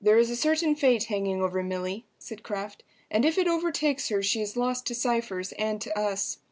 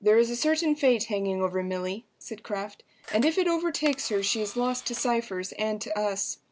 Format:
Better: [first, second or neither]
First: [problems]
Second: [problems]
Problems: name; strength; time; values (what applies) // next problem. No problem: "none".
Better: first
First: none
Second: background sound (Camera); 18 dB below the speech